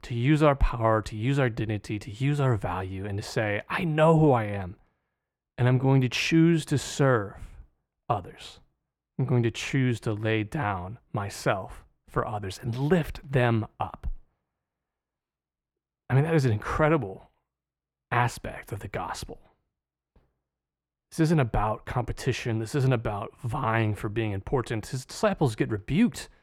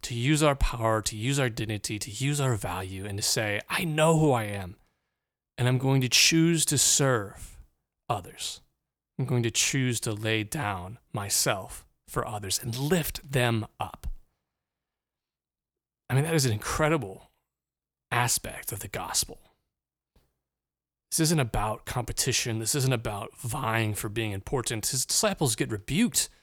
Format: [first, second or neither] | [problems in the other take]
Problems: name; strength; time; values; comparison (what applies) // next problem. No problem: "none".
second | muffled; very; fading above 3.5 kHz